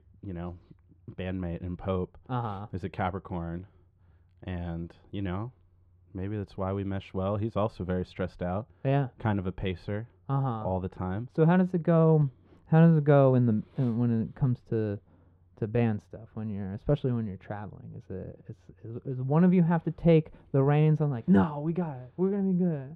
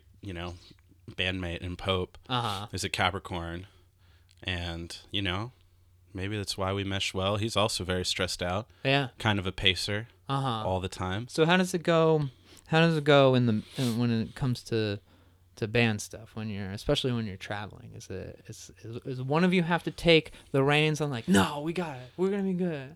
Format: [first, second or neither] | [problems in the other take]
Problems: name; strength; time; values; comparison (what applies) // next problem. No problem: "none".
second | muffled; very; fading above 2.5 kHz